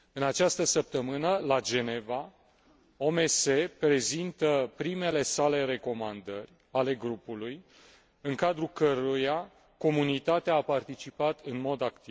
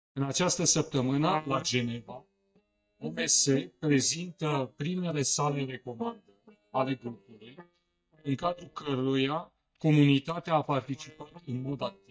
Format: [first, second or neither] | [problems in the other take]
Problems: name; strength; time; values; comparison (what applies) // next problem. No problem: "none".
first | noise reduction (neural mask model DeepFilterNet 3)